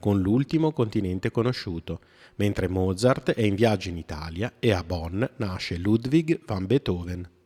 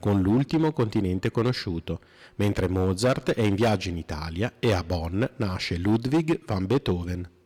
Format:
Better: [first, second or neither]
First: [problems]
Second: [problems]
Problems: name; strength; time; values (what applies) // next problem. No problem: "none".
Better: first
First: none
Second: distortion; slight; 7% of the sound clipped